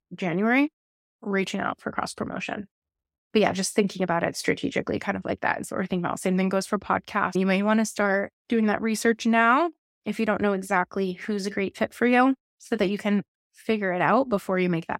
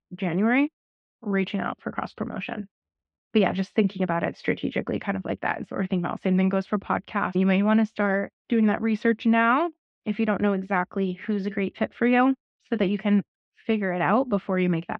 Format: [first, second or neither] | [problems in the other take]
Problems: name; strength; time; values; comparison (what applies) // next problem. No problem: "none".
first | muffled; very; fading above 3.5 kHz